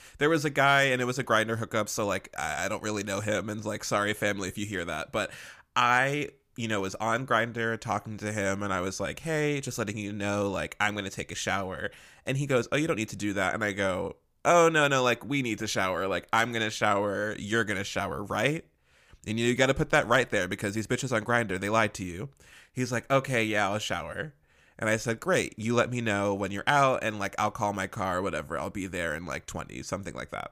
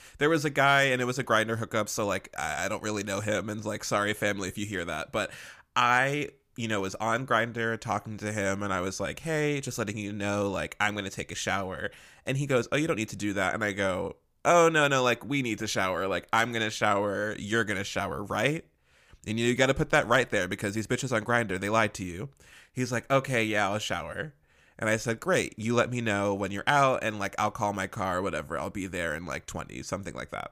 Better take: neither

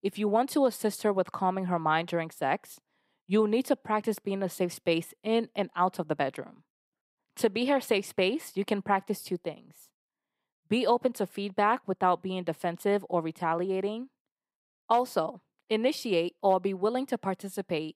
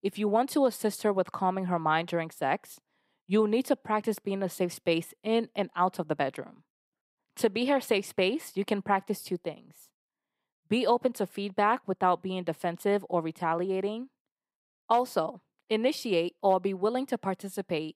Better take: neither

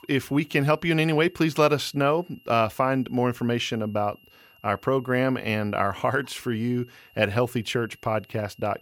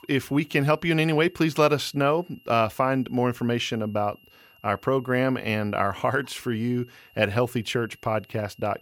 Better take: neither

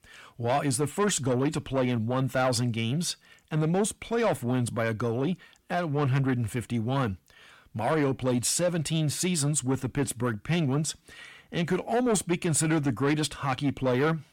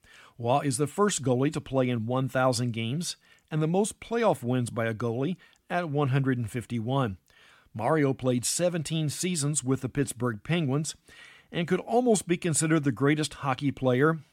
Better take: second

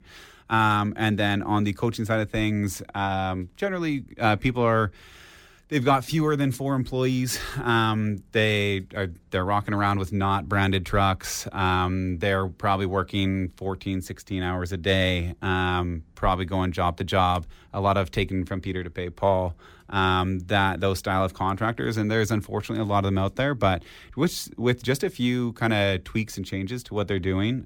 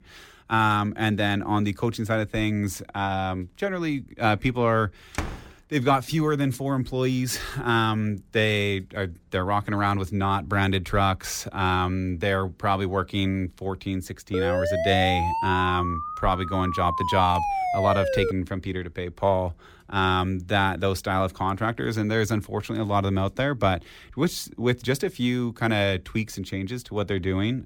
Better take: first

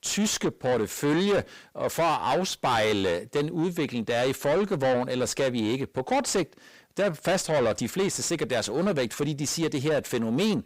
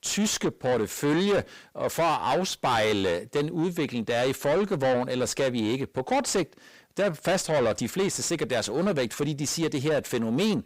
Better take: neither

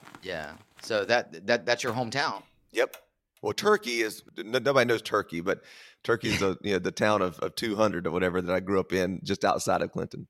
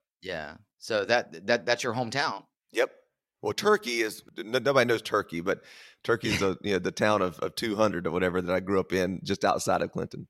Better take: second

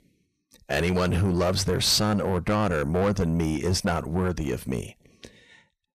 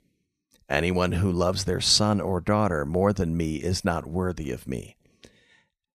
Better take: second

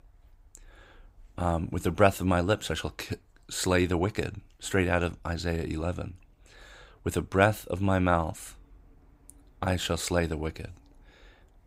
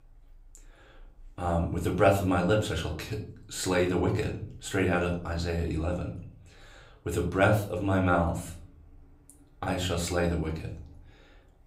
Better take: first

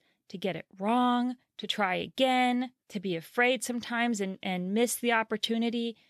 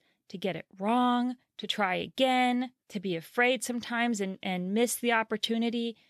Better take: neither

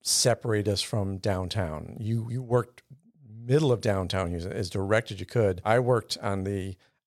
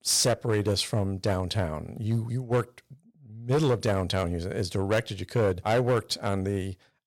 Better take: first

